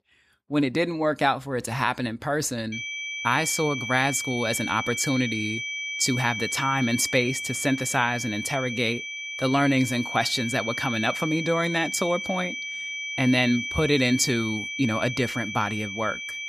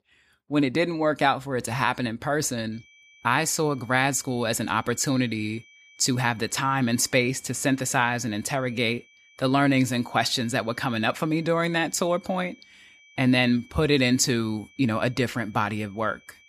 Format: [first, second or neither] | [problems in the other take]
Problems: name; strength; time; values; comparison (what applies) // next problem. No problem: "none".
second | high-pitched whine; loud; from 2.5 s on; 2.5 kHz, 5 dB below the speech; faint in the second